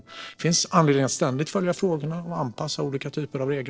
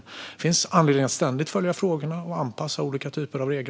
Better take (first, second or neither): second